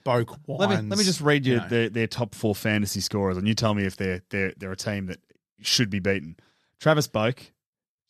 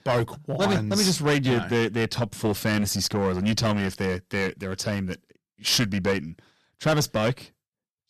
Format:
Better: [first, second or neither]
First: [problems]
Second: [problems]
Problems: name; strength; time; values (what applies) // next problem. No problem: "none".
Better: first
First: none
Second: distortion; heavy; 9% of the sound clipped